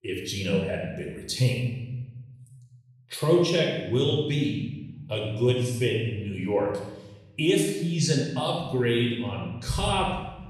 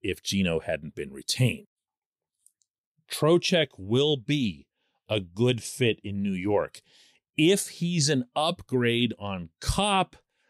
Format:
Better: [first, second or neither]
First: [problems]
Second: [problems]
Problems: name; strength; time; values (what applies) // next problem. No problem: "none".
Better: second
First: off-mic speech; far // room echo; noticeable; dies away in 1 s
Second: none